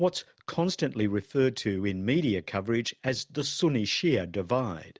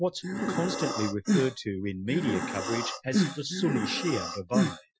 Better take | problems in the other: first | noise reduction (classical method Wiener filter)

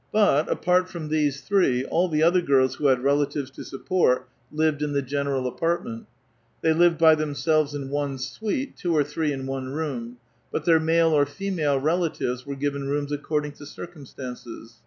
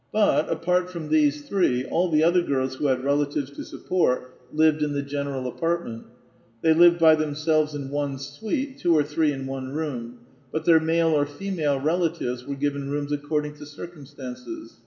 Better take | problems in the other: first | room echo; dies away in 2.6 s

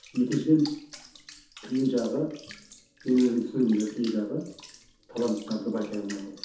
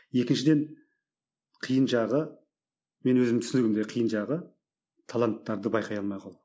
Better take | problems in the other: second | background sound (Bathtub (filling or washing) / Water); 19 dB below the speech // room echo; dies away in 0.5 s

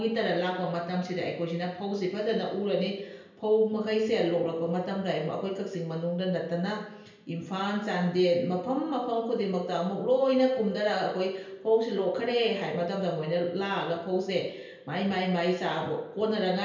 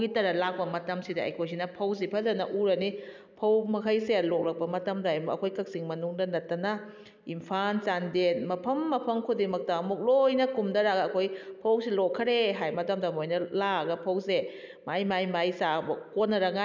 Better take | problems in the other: second | room echo; dies away in 0.5 s

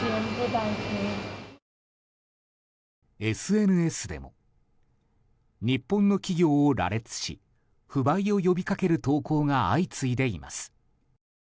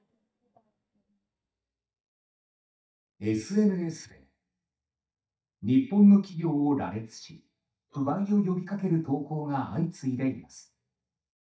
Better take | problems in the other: first | noise reduction (neural mask model DeepFilterNet 3)

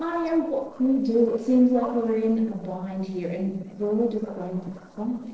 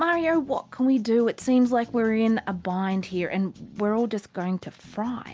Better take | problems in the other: second | noise reduction (neural separator model SepFormer DNS4)

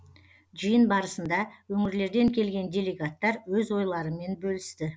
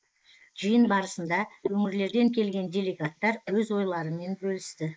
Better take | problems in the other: first | noise reduction (neural mask model Resemble Enhance denoiser)

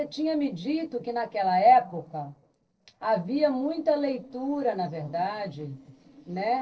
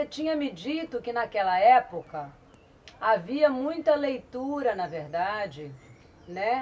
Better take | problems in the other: second | noise reduction (neural separator model SepFormer DNS4)

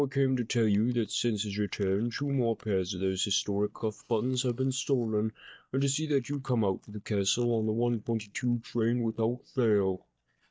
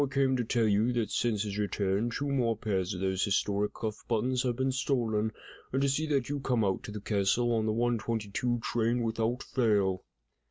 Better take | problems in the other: second | noise reduction (neural mask model DeepFilterNet 3)

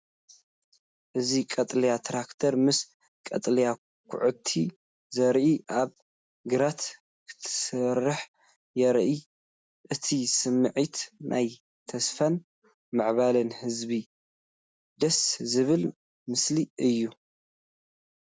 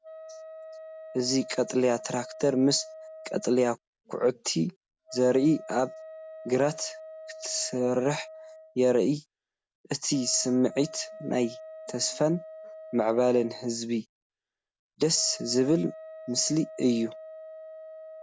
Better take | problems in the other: first | background sound (Wind instrument, woodwind instrument); 16 dB below the speech

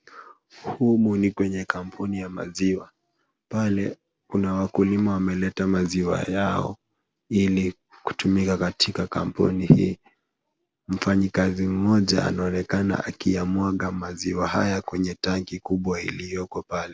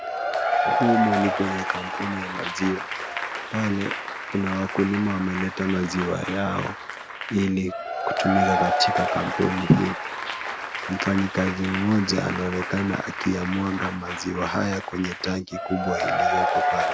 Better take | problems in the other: first | background sound (Applause / Crowd / Cheering); 2 dB below the speech

